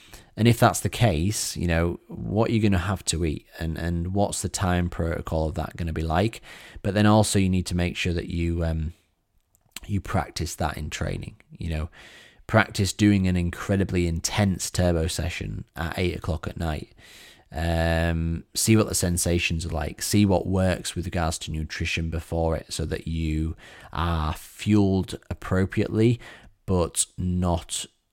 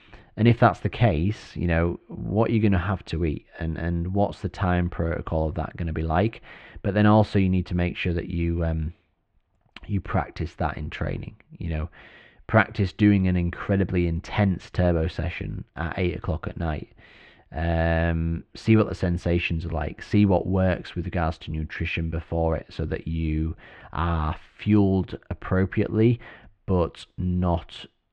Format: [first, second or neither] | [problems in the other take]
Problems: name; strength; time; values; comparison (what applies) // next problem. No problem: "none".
first | muffled; very; fading above 2.5 kHz